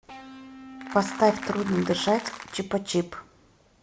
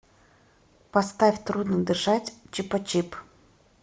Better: second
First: background sound (Applause + Electric guitar / Bass guitar); 10 dB below the speech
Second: none

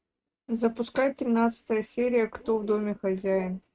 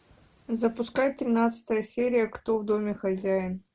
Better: second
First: noise reduction (neural mask model RNNoise)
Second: none

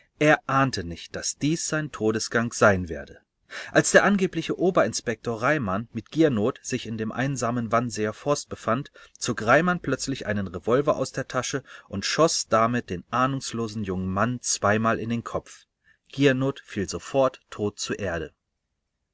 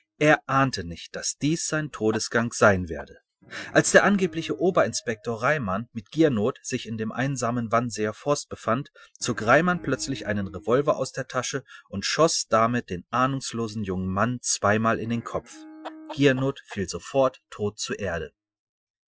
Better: first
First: none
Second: noise reduction (classical method Wiener filter)

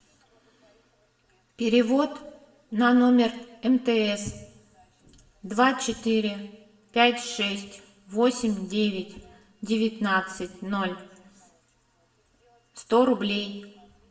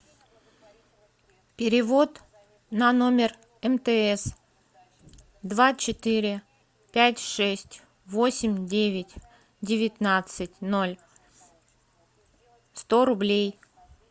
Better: second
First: room echo; dies away in 0.7 s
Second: none

